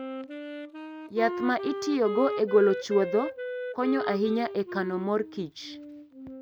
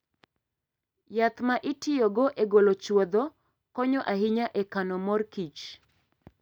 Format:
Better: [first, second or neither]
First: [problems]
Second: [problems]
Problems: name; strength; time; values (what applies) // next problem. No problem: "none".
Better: second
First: background sound (Wind instrument, woodwind instrument); 8 dB below the speech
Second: none